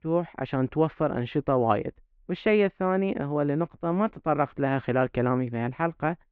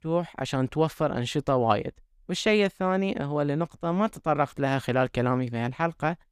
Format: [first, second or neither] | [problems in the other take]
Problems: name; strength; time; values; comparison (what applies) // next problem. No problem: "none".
second | muffled; very; fading above 2.5 kHz